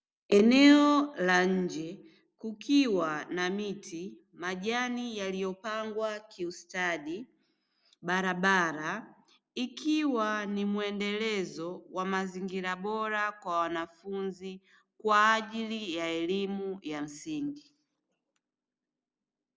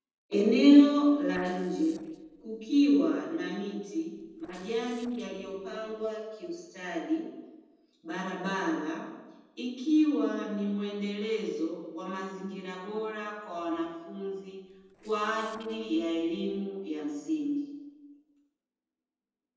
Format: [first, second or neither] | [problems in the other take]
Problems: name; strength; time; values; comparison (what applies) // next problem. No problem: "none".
first | noise reduction (neural separator model SepFormer DNS4)